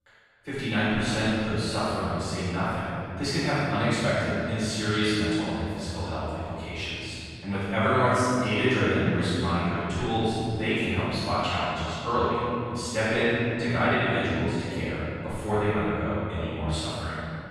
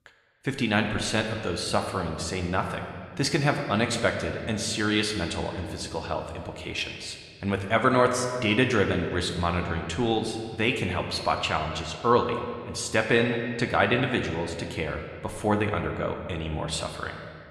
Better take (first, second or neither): second